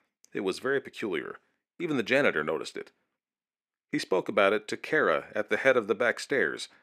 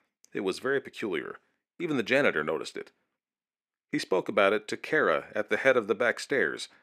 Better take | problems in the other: neither | thin; somewhat; fading below 350 Hz; the same in both

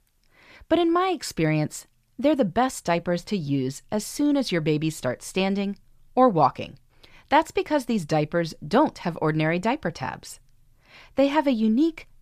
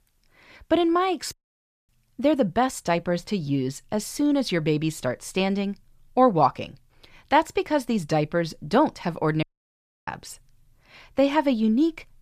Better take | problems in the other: first | audio cutting out; at 1.5 s for 0.5 s and at 9.5 s for 0.5 s

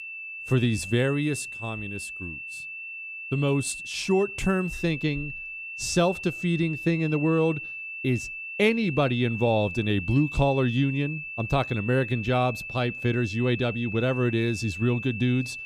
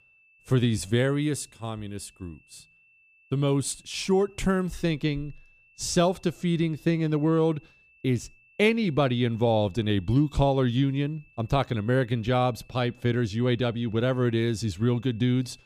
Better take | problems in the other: second | high-pitched whine; loud; throughout; 2.5 kHz, 8 dB below the speech; faint in the second

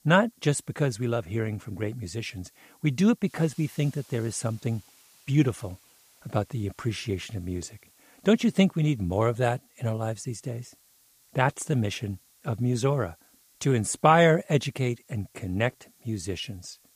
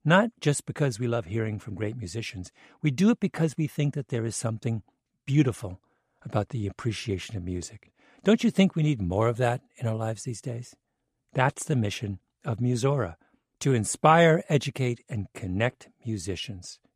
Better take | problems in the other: second | hiss; faint; throughout; 30 dB below the speech

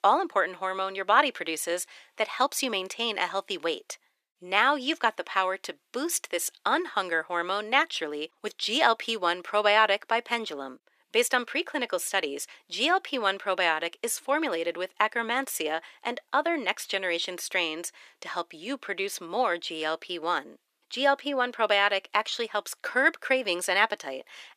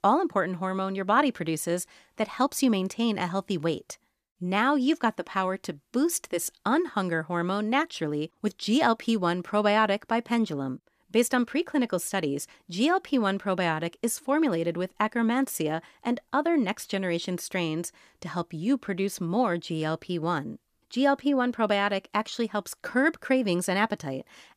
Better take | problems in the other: second | thin; somewhat; fading below 400 Hz

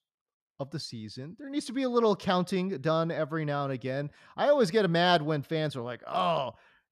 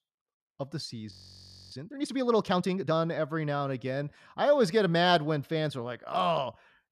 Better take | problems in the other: first | audio freezing; at 1 s for 0.5 s

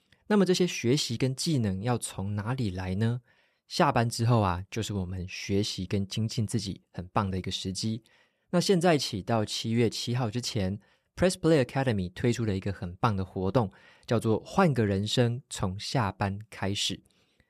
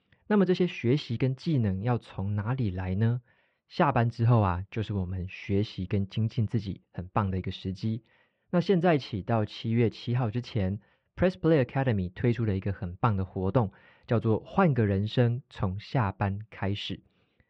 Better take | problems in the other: first | muffled; slightly; fading above 3 kHz

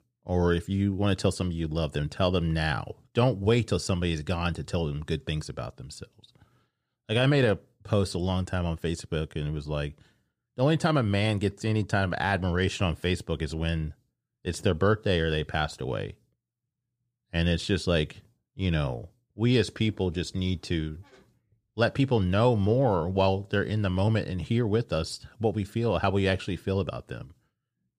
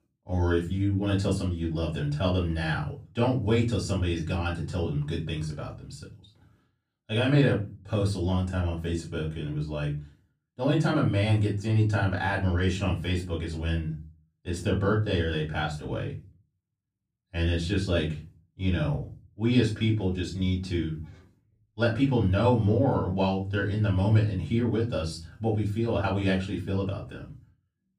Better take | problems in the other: first | off-mic speech; far // room echo; slight; dies away in 0.3 s

